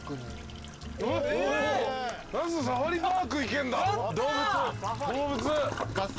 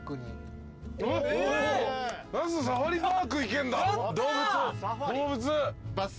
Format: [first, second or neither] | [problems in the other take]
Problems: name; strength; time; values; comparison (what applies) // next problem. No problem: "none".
second | background sound (Toilet flush); 13 dB below the speech